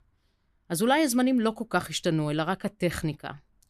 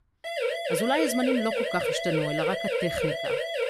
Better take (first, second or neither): first